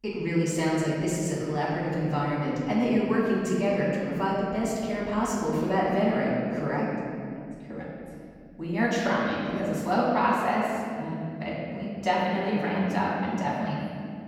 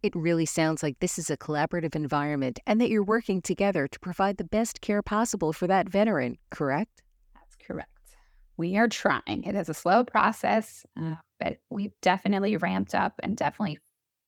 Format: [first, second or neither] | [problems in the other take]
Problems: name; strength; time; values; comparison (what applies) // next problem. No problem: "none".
second | room echo; noticeable; dies away in 2.4 s // off-mic speech; far